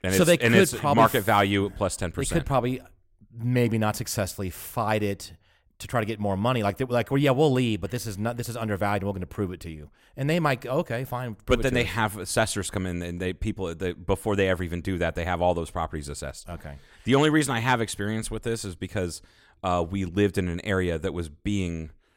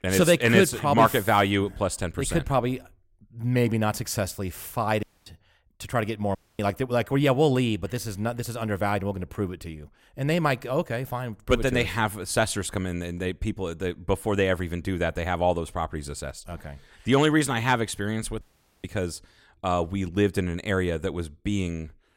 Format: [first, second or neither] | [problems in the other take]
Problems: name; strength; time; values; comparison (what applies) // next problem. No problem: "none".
first | audio cutting out; at 5 s, at 6.5 s and at 18 s